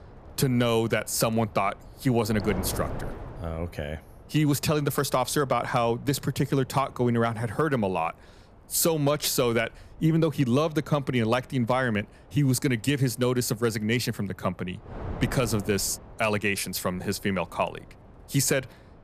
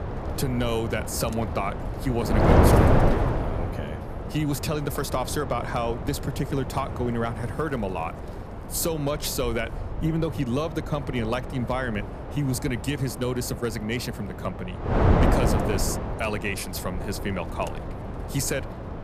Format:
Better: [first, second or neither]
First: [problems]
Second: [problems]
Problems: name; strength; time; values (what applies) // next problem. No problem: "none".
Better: first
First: wind noise on the microphone; occasional gusts; 20 dB below the speech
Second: wind noise on the microphone; heavy; 1 dB below the speech